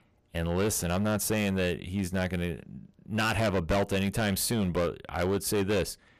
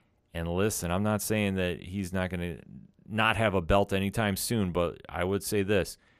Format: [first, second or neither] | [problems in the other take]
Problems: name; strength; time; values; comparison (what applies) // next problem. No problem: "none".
second | distortion; heavy; 12% of the sound clipped